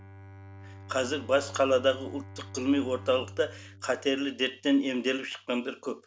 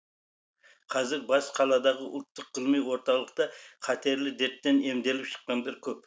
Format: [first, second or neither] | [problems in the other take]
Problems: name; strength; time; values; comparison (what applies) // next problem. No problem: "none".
second | background sound (Bowed string instrument); 17 dB below the speech